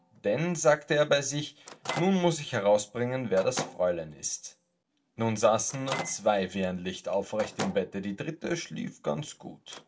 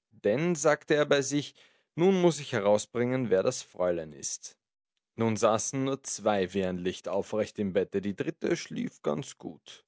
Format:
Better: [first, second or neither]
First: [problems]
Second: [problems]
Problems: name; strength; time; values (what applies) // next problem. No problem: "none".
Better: second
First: background sound (Microwave oven); 14 dB below the speech // room echo; dies away in 0.2 s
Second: none